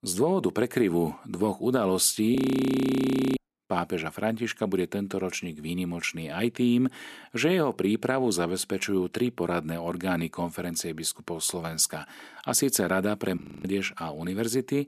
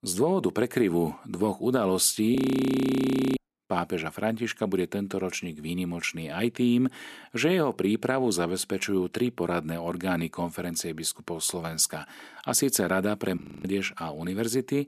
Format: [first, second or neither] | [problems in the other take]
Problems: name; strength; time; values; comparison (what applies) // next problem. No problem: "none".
neither | audio freezing; at 2.5 s for 1 s and at 13 s; the same in both